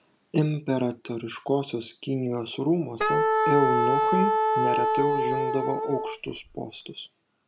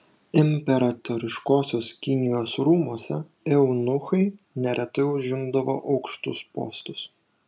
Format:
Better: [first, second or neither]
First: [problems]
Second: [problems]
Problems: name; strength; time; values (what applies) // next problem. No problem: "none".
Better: second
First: background sound (Wind instrument, woodwind instrument); 4 dB above the speech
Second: none